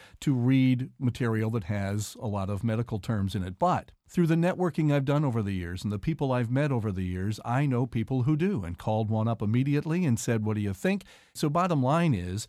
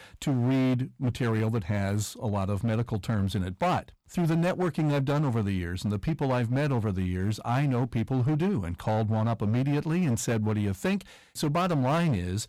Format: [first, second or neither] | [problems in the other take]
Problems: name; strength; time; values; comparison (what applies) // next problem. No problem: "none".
first | distortion; slight; 15% of the sound clipped